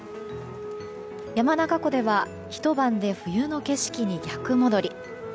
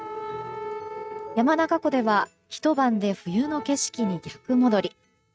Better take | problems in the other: first | noise reduction (neural mask model RNNoise)

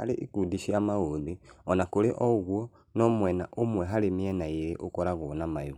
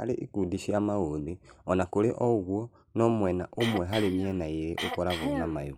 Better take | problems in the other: first | noise reduction (neural mask model Resemble Enhance denoiser)

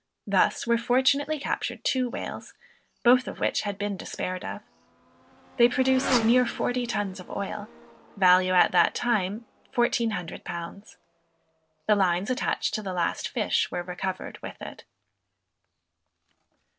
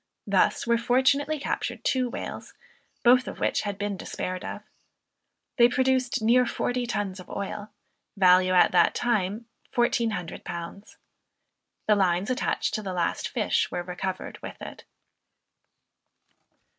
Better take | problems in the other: second | background sound (Motorcycle); 14 dB below the speech

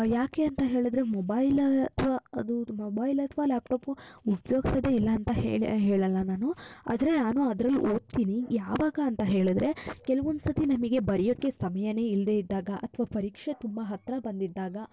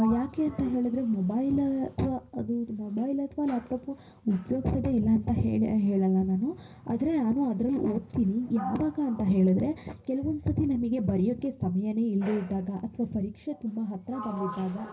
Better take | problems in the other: first | background sound (Sliding door); 19 dB below the speech // room echo; dies away in 0.4 s

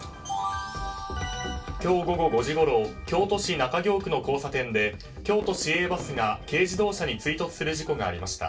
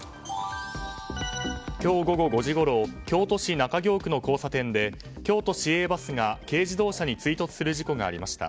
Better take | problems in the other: second | background sound (Fireworks); 20 dB below the speech // room echo; dies away in 0.2 s

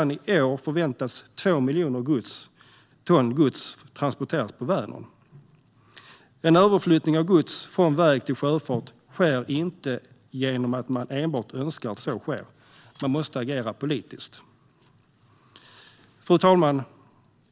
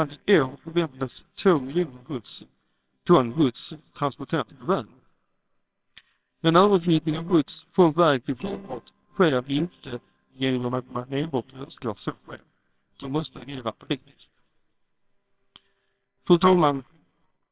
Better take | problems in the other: first | noise reduction (neural separator model SepFormer WHAMR!)

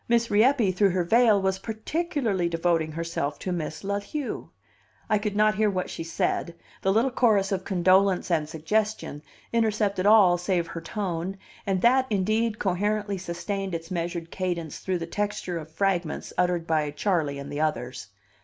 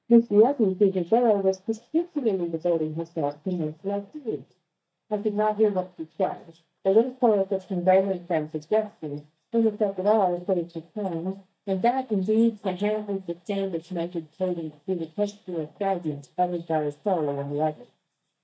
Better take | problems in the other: first | noise reduction (neural mask model DeepFilterNet 3)

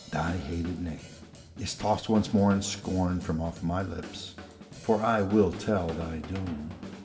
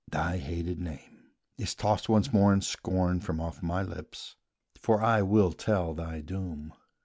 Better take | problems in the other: second | background sound (Drum / Drum kit); 16 dB below the speech // room echo; dies away in 3 s

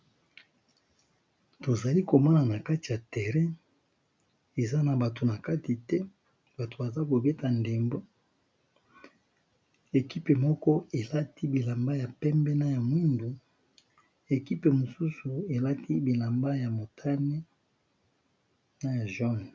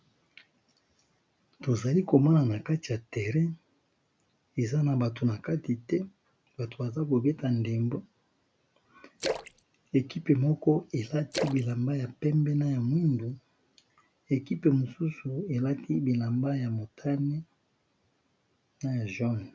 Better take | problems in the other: first | background sound (Splash, splatter); 10 dB below the speech

